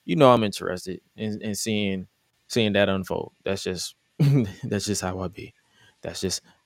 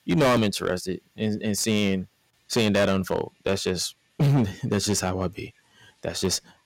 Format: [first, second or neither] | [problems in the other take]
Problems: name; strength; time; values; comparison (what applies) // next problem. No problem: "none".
first | distortion; heavy; 8% of the sound clipped